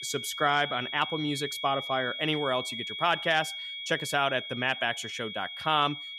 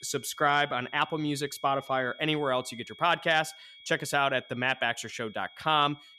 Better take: second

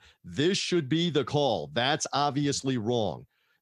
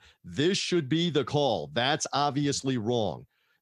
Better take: neither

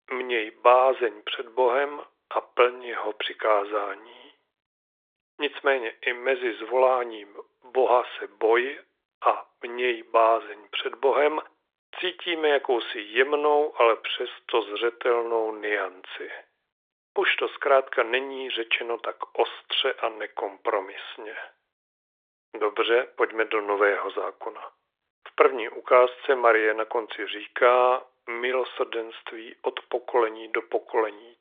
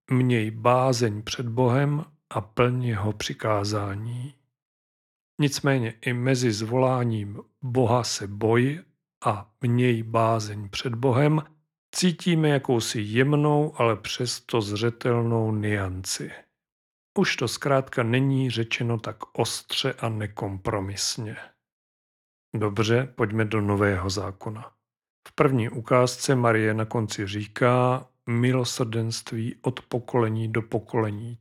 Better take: second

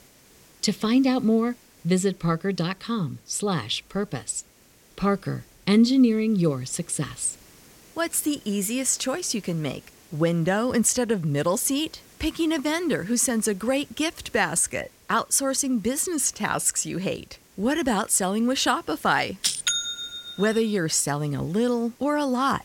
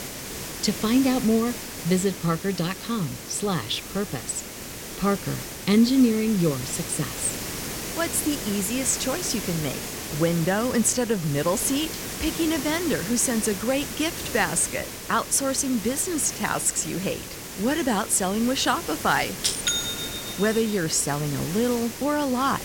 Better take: first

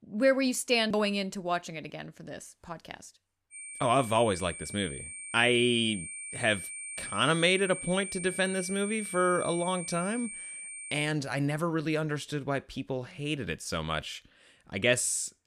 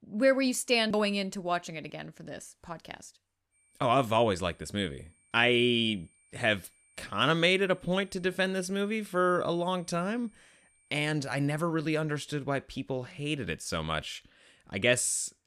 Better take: second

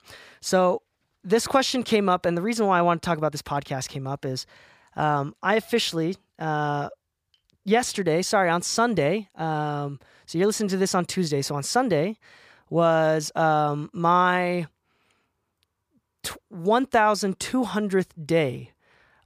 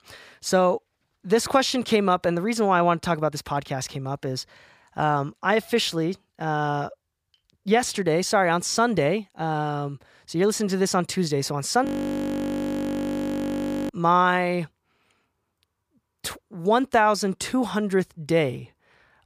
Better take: first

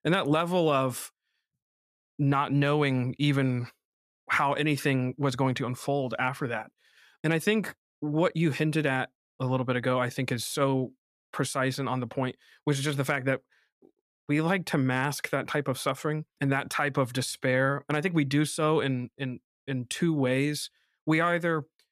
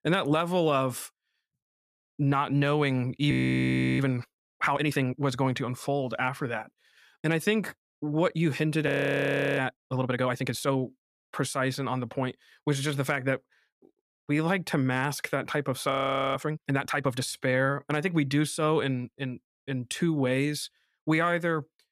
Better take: first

